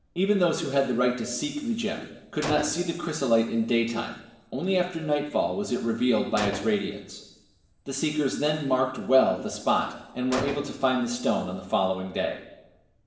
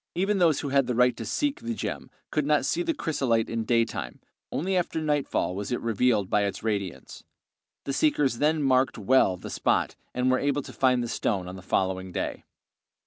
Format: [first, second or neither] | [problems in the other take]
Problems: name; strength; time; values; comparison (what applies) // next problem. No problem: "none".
second | background sound (Gunshot, gunfire); 16 dB below the speech // room echo; dies away in 0.9 s